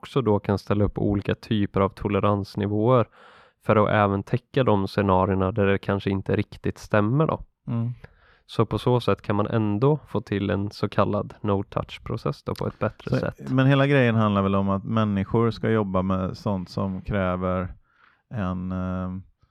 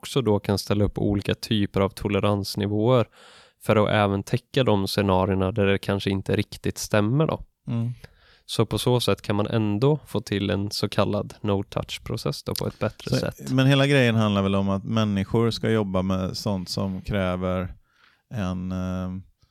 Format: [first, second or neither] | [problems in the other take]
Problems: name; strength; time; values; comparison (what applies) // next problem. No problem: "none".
second | muffled; slightly; fading above 3.5 kHz